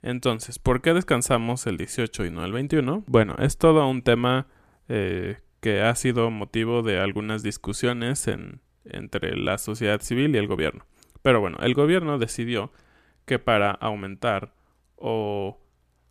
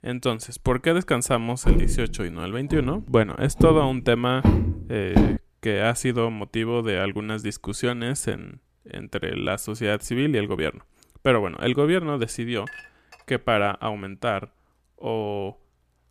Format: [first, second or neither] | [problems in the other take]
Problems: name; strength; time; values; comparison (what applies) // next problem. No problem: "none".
first | footsteps; loud; from 1.5 to 5.5 s; peak 4 dB above the speech // clattering dishes; faint; at 13 s; peak 15 dB below the speech